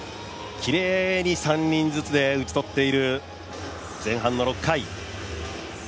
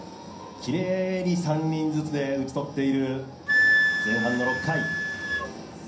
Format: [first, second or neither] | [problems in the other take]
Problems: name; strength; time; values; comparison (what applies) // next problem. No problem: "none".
first | background sound (Wind instrument, woodwind instrument); 1 dB below the speech // room echo; dies away in 0.6 s